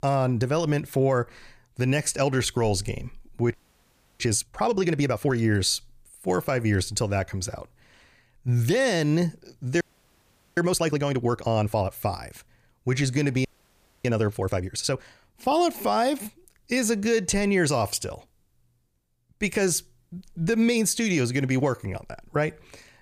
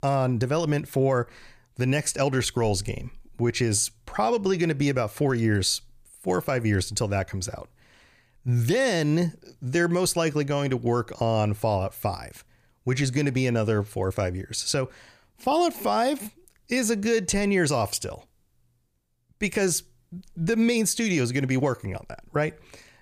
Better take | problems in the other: second | audio freezing; at 3.5 s for 0.5 s, at 10 s for 1 s and at 13 s for 0.5 s

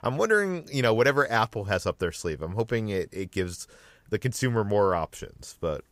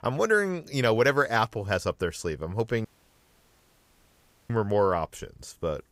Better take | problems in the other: first | audio cutting out; at 3 s for 1.5 s

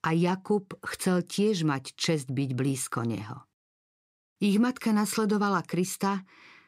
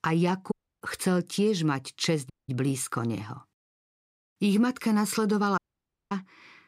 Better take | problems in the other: first | audio cutting out; at 0.5 s, at 2.5 s and at 5.5 s for 0.5 s

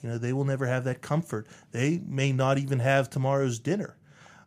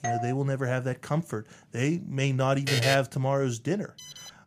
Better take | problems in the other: first | doorbell; noticeable; at the start; peak 4 dB below the speech // alarm; loud; at 2.5 s; peak 1 dB above the speech // alarm; faint; at 4 s; peak 15 dB below the speech

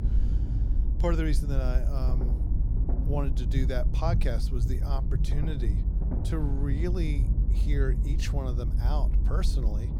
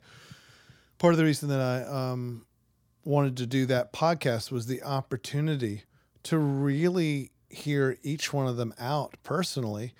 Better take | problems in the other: second | low rumble; loud; throughout; 7 dB below the speech

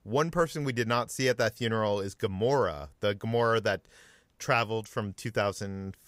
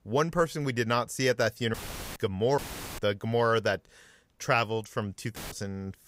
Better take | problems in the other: first | audio cutting out; filled with static; at 1.5 s, at 2.5 s and at 5.5 s

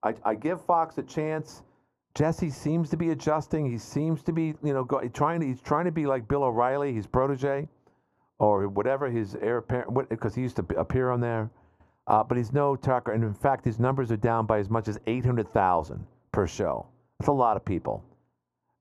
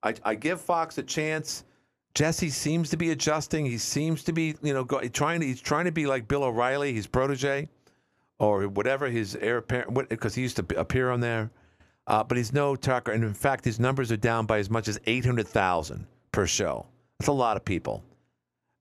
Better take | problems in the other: second | muffled; very; fading above 1.5 kHz

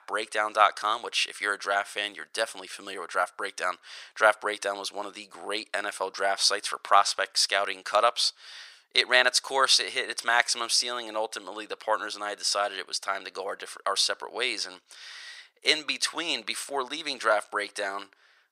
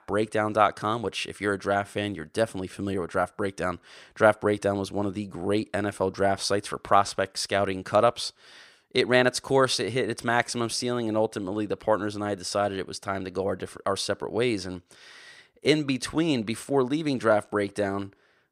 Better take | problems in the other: second | thin; very; fading below 900 Hz

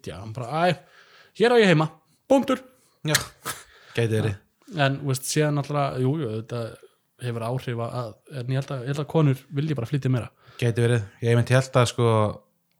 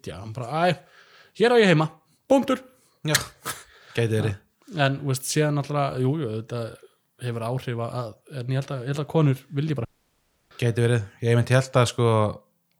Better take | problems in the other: first | audio cutting out; at 10 s for 0.5 s

